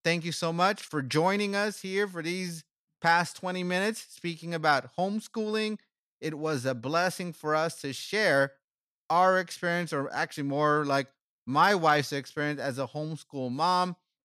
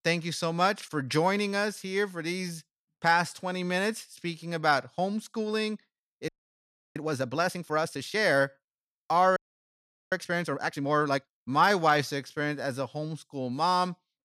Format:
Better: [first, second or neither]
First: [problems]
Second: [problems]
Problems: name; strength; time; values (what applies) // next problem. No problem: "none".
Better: first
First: none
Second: audio freezing; at 6.5 s for 0.5 s and at 9.5 s for 1 s